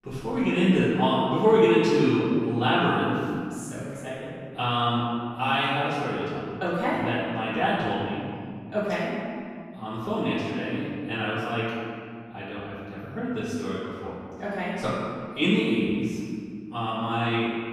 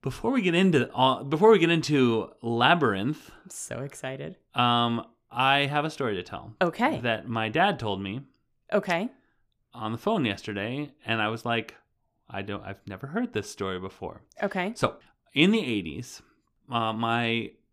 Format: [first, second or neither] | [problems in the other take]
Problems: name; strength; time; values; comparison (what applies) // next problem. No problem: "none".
second | off-mic speech; far // room echo; strong; dies away in 2 s